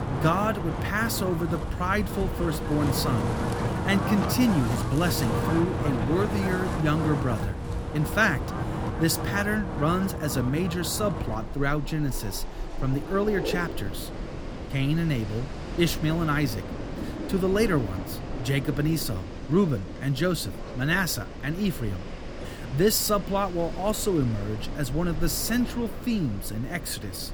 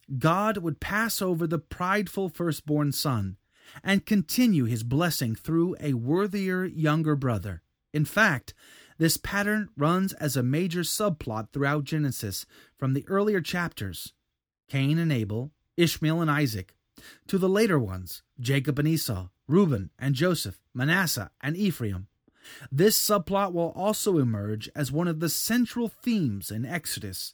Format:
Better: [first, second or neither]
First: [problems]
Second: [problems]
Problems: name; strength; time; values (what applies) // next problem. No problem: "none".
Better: second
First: wind in the background; loud; throughout; 6 dB below the speech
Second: none